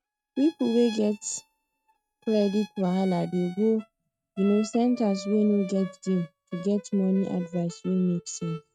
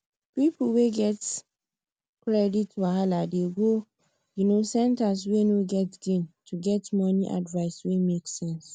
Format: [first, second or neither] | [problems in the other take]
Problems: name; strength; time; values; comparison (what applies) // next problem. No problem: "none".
second | noise reduction (neural mask model RNNoise)